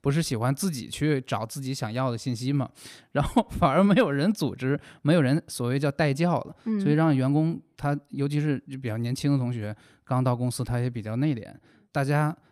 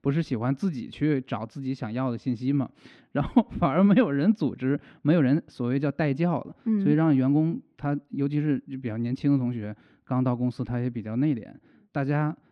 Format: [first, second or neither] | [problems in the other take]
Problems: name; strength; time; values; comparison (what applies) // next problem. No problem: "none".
first | muffled; slightly; fading above 2.5 kHz